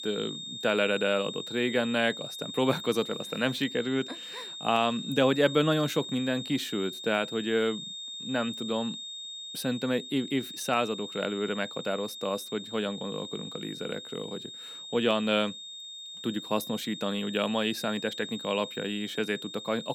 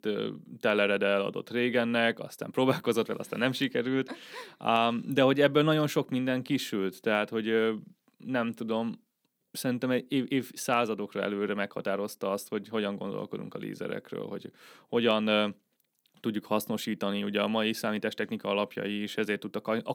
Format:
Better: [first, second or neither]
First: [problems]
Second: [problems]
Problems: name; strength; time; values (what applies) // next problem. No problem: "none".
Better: second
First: high-pitched whine; loud; throughout; 3.5 kHz, 8 dB below the speech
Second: none